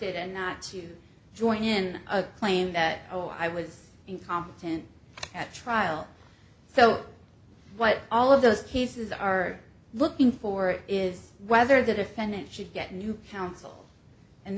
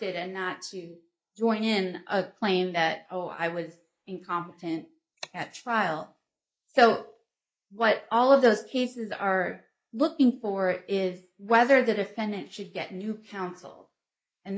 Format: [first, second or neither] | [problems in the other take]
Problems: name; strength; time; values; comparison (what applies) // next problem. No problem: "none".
first | noise reduction (neural mask model Resemble Enhance denoiser)